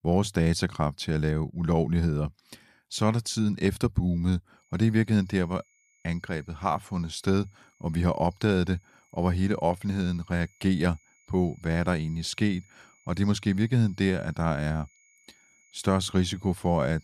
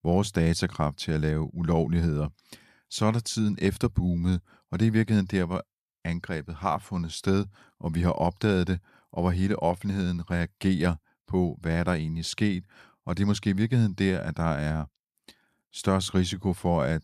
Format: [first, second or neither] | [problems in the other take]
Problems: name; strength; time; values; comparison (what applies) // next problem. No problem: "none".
second | high-pitched whine; faint; from 4.5 s on; 2 kHz, 35 dB below the speech